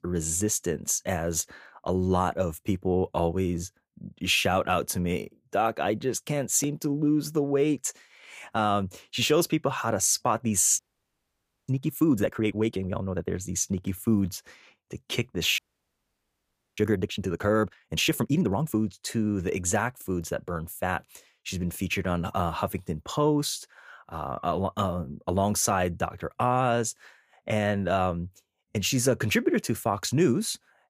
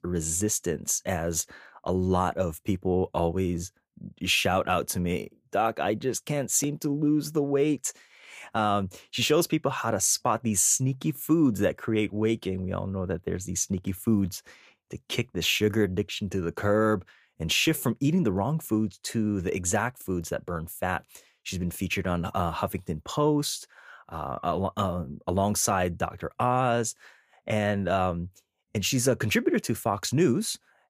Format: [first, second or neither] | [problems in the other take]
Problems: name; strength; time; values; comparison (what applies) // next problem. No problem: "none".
second | audio freezing; at 11 s for 1 s and at 16 s for 1 s